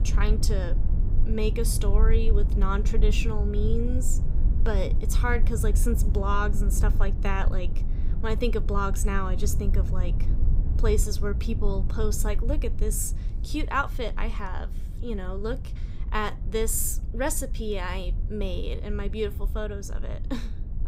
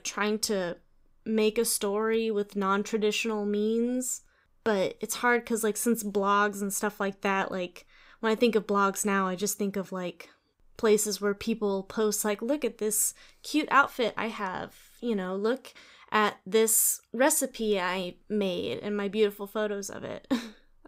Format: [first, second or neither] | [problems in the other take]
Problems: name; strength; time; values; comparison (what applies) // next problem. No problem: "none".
second | low rumble; noticeable; throughout; 15 dB below the speech